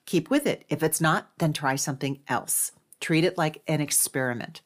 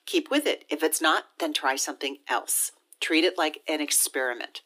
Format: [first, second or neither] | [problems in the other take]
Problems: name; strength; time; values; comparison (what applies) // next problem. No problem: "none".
first | thin; somewhat; fading below 300 Hz